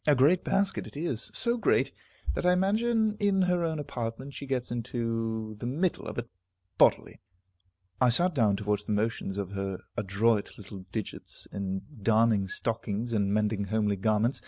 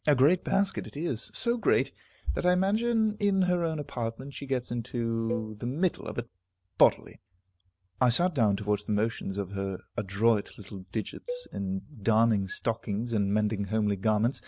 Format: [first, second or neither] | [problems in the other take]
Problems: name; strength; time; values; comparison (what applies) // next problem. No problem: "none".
first | background sound (Cowbell); 15 dB below the speech